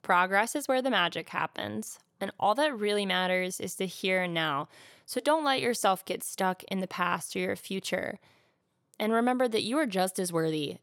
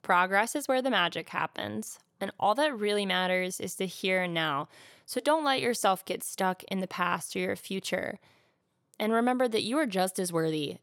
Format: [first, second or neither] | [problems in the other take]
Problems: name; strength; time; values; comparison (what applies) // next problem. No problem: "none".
neither | none